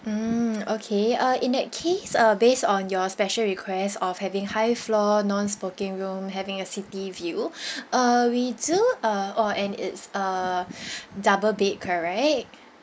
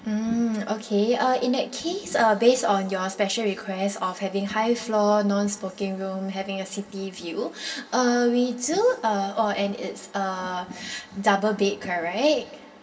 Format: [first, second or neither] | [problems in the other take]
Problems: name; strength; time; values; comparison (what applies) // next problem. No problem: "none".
first | room echo; dies away in 1.7 s